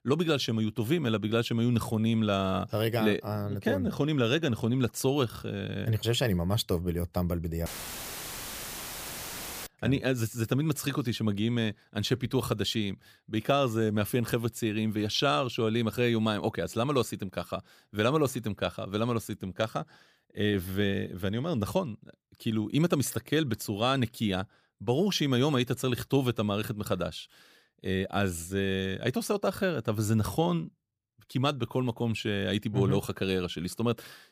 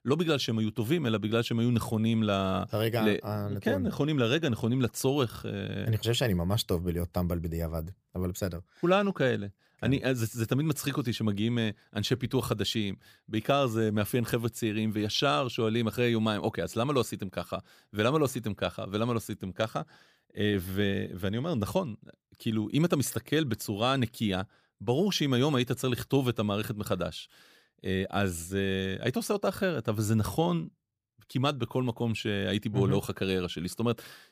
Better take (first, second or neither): second